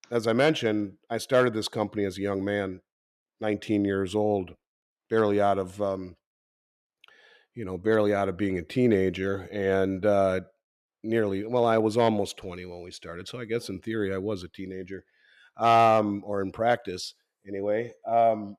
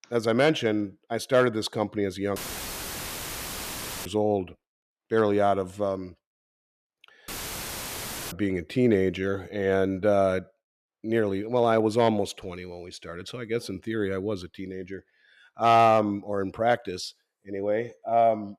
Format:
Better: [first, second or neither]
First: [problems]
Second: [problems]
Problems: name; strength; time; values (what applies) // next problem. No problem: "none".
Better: first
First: none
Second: audio cutting out; filled with static; at 2.5 s for 1.5 s and at 7.5 s for 1 s